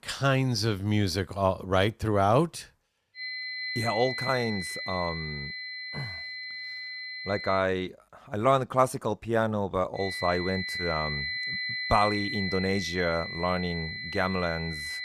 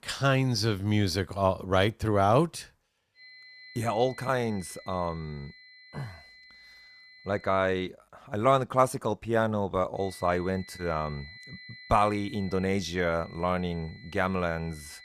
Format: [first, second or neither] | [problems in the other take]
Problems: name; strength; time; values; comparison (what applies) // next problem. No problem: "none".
second | high-pitched whine; loud; from 3 to 7.5 s and from 10 s on; 2 kHz, 5 dB below the speech; faint in the second